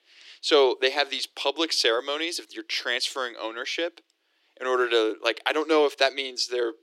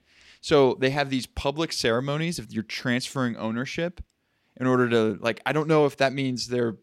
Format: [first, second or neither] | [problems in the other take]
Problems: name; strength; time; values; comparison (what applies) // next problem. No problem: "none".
second | thin; very; fading below 300 Hz